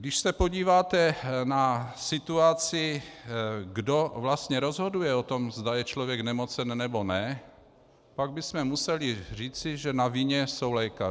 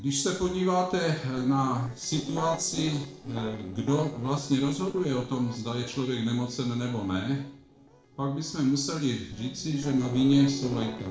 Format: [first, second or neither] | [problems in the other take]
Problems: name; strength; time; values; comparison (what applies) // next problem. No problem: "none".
first | noise reduction (neural separator model SepFormer DNS4)